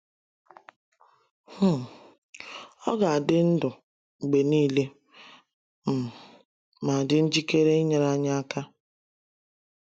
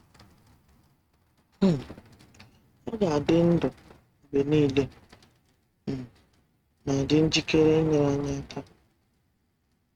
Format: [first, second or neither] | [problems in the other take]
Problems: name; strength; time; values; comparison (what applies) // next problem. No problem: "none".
first | noise reduction (neural mask model RNNoise)